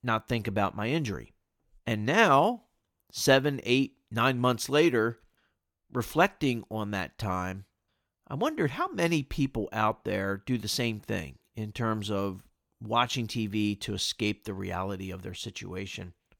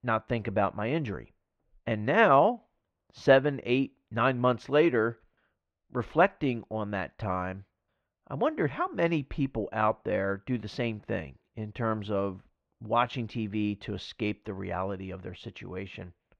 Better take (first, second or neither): first